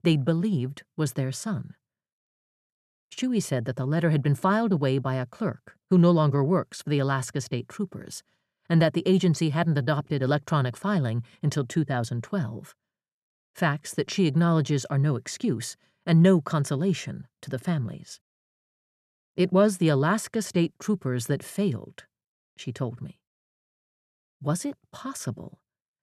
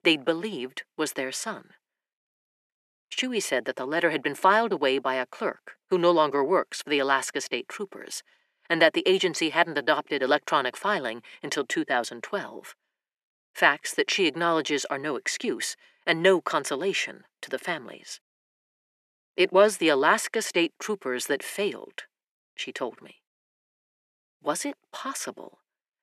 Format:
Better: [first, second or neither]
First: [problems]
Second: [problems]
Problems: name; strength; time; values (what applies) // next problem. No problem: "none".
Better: first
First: none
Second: thin; very; fading below 300 Hz